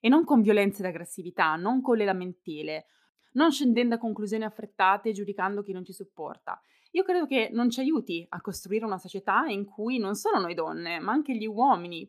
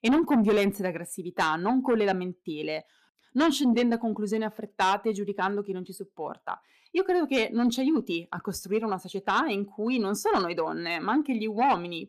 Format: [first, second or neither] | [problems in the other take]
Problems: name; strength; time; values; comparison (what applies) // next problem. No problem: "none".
first | distortion; slight; 10 dB below the speech